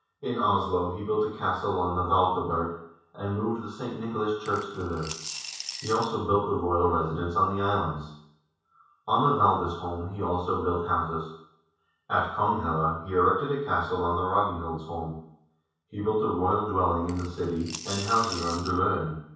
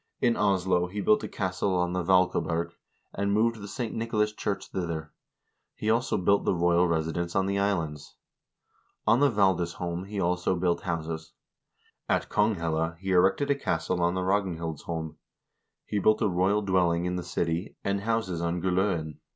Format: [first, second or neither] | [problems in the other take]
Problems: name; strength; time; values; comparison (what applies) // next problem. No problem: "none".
second | background sound (Coin (dropping) / Glass); 12 dB below the speech // room echo; dies away in 0.7 s